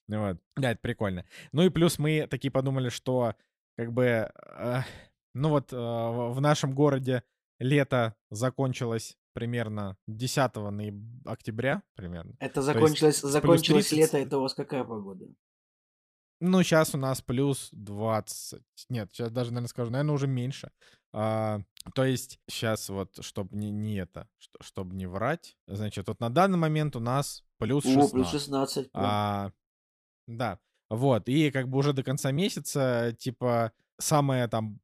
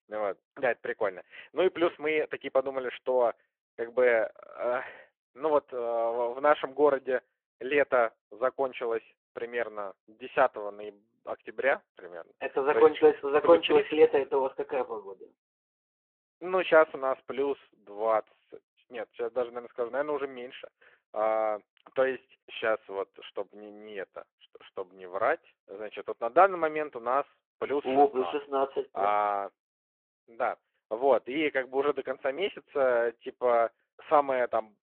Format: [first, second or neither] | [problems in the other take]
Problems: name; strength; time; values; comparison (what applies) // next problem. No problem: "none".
first | phone-call audio